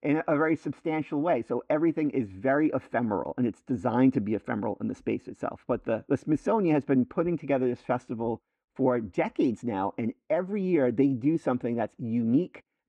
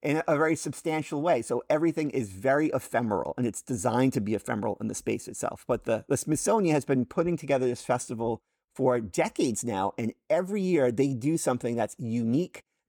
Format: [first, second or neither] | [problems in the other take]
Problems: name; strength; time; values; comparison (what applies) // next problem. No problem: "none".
second | muffled; very; fading above 2 kHz